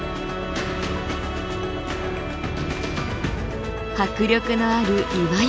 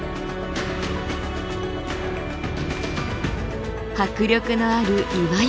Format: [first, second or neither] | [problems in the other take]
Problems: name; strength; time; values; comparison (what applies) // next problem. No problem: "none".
second | background sound (Bowed string instrument); 14 dB below the speech